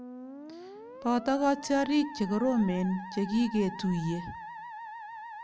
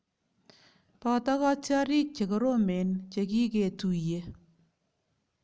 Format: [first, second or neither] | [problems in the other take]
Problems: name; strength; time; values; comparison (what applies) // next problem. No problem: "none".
second | background sound (Musical instrument); 13 dB below the speech